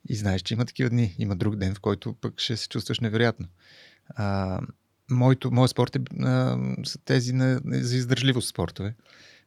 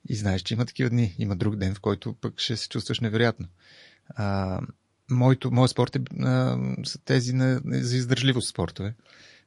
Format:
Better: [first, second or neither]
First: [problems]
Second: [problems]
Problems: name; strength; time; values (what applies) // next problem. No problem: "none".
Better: first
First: none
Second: garbled, watery; slightly; nothing above 9.5 kHz